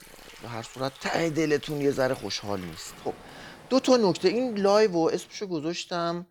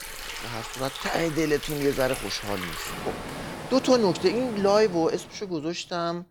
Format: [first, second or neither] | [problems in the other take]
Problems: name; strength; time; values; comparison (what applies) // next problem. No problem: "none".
first | rain or running water; loud; until 5 s; 10 dB below the speech; faint in the first